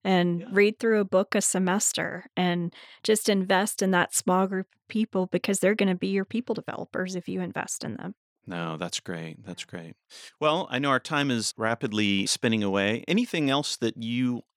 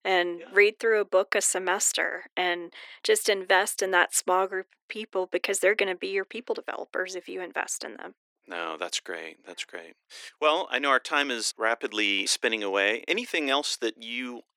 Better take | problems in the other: first | thin; very; fading below 350 Hz

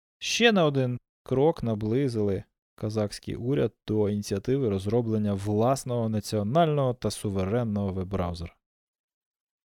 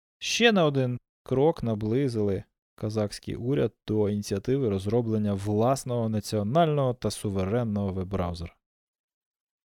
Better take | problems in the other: neither | none

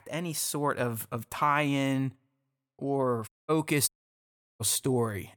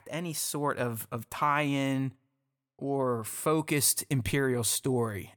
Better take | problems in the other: second | audio cutting out; at 3.5 s and at 4 s for 0.5 s

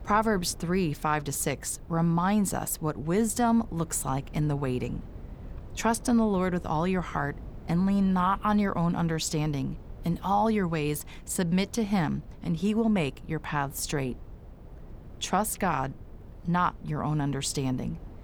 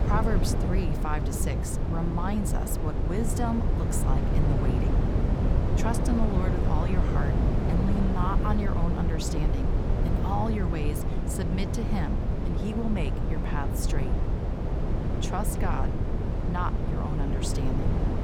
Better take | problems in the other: first | low rumble; loud; throughout; 1 dB below the speech; faint in the first

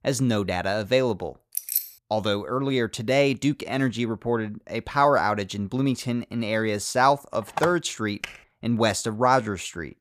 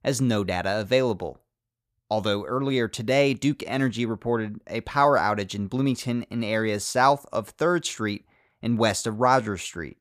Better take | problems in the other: second | jangling keys; noticeable; at 1.5 s; peak 1 dB below the speech // phone ringing; noticeable; at 7.5 s; peak 6 dB below the speech // keyboard typing; faint; at 8 s; peak 10 dB below the speech

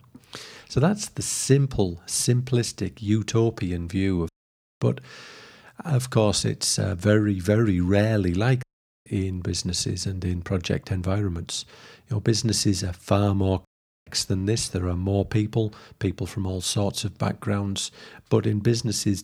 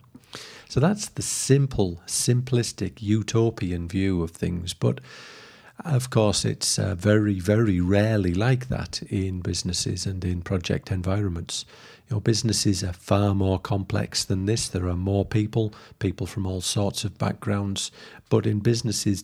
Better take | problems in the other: second | audio cutting out; at 4.5 s for 0.5 s, at 8.5 s and at 14 s

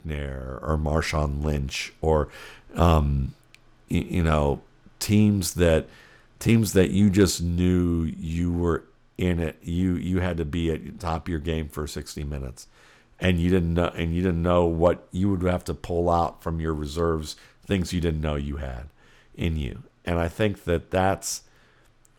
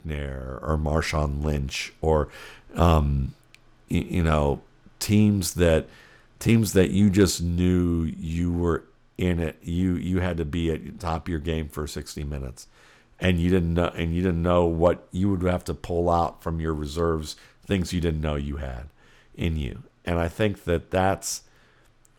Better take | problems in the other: neither | none

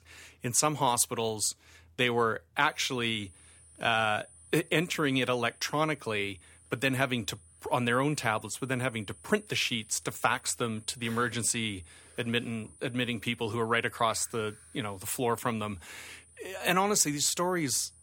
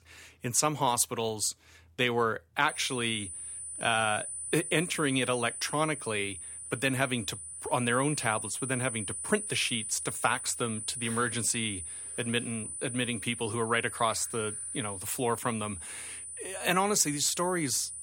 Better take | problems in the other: first | high-pitched whine; loud; from 2.5 s on; 9.5 kHz, 7 dB below the speech; faint in the first

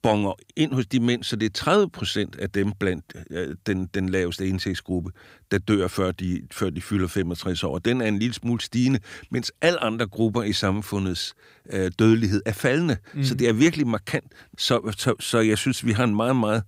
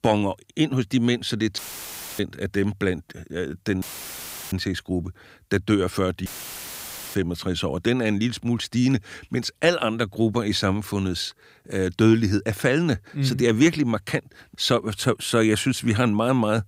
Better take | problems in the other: first | audio cutting out; filled with static; at 1.5 s for 0.5 s, at 4 s for 0.5 s and at 6.5 s for 1 s

